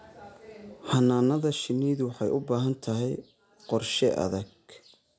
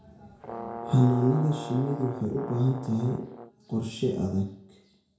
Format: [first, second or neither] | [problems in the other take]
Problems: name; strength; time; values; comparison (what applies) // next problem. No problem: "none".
first | background sound (Brass instrument); 12 dB below the speech // room echo; dies away in 0.5 s